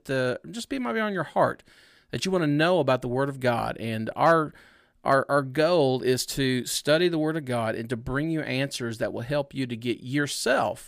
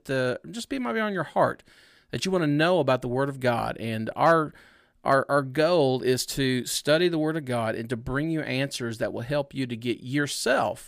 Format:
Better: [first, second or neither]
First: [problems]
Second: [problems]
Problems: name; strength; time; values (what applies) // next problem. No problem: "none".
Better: neither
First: none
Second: none